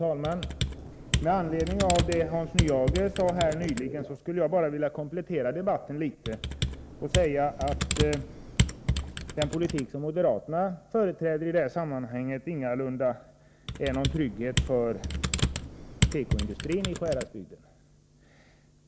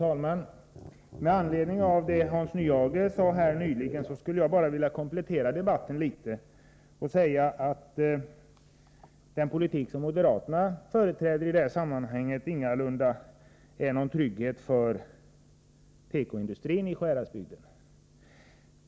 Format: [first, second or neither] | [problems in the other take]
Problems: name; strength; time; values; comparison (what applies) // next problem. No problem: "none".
second | background sound (Computer keyboard); 1 dB below the speech